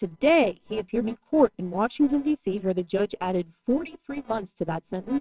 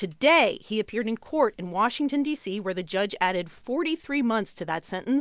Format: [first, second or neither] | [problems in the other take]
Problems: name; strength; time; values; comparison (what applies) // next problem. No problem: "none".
second | noise reduction (neural separator model SepFormer WHAMR!)